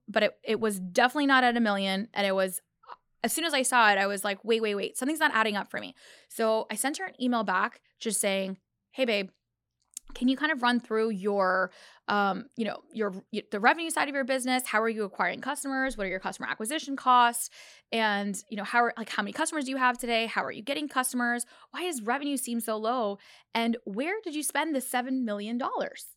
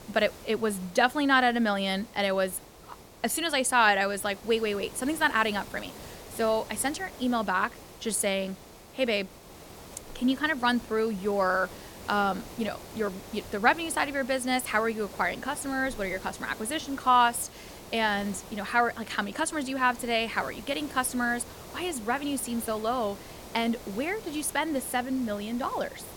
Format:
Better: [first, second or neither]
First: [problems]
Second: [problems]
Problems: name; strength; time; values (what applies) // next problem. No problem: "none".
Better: first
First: none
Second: hiss; noticeable; throughout; 15 dB below the speech